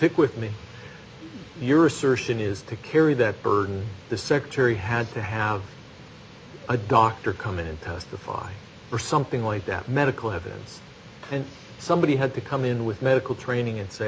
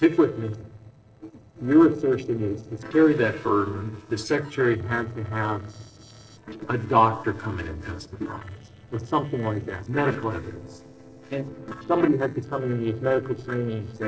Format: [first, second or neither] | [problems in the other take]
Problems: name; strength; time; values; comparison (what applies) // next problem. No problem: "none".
first | noise reduction (neural separator model SepFormer DNS4)